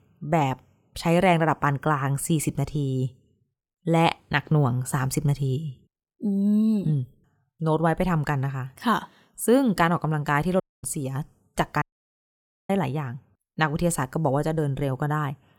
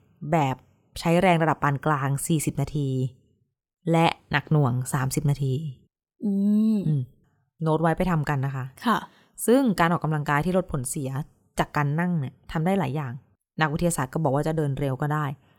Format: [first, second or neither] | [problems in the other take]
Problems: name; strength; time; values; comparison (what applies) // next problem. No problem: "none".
second | audio cutting out; at 11 s and at 12 s for 1 s